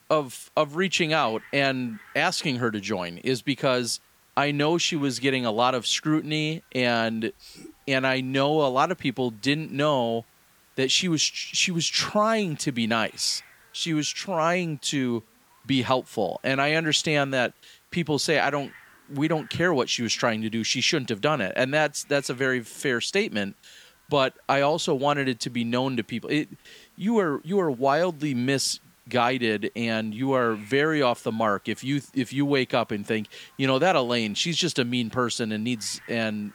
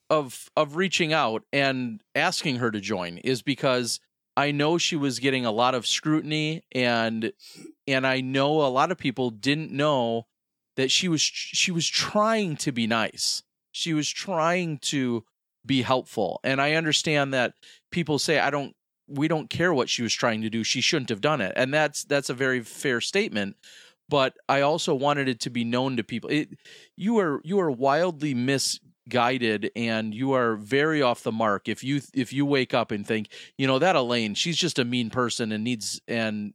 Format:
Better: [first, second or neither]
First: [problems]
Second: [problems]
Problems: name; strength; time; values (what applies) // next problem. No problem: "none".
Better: second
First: hiss; faint; throughout; 30 dB below the speech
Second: none